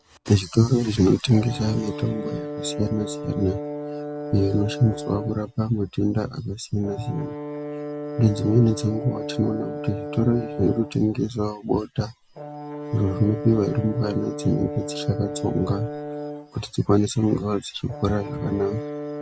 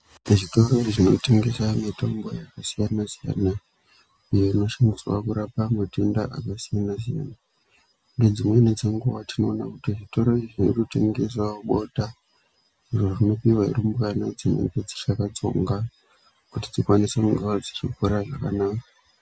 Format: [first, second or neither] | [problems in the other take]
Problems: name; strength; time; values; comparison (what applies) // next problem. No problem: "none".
second | background sound (Brass instrument); 9 dB below the speech